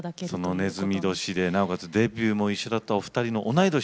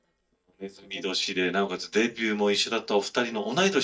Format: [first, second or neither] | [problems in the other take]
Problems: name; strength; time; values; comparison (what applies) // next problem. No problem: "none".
first | noise reduction (neural mask model DeepFilterNet 3)